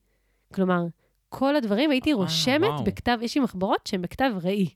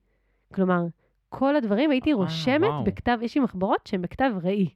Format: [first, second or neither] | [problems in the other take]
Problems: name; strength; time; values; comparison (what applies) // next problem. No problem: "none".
first | muffled; slightly; fading above 4 kHz